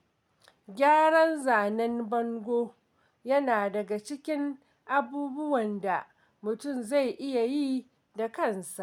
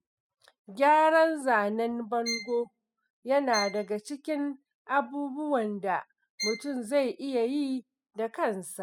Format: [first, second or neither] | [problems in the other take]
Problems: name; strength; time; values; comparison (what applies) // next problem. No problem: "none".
first | noise reduction (classical method spectral subtraction)